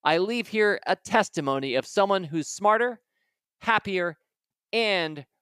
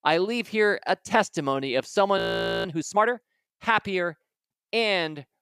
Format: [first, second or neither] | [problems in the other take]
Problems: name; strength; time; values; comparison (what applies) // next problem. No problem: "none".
first | audio freezing; at 2 s